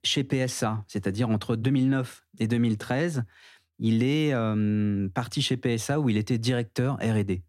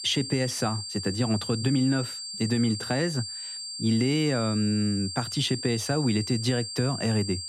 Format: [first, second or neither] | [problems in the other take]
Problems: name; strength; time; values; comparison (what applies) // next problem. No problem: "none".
first | high-pitched whine; loud; throughout; 4.5 kHz, 7 dB below the speech